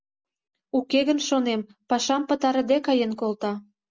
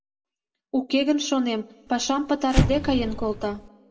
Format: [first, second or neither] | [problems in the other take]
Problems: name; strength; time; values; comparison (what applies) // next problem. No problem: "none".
first | background sound (Explosion); 2 dB below the speech // room echo; dies away in 0.3 s